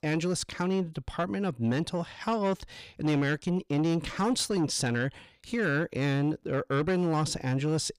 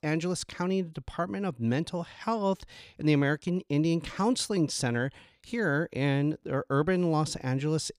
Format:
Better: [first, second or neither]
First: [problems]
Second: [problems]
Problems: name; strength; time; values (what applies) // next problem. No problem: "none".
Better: second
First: distortion; slight; 10 dB below the speech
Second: none